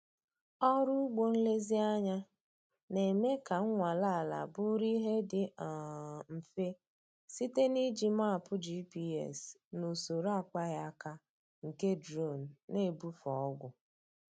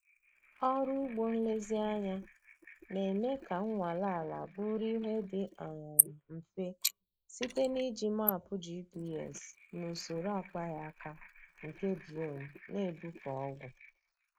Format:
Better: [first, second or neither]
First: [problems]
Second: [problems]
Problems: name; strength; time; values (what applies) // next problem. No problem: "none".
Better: first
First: none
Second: noise reduction (neural mask model Resemble Enhance denoiser)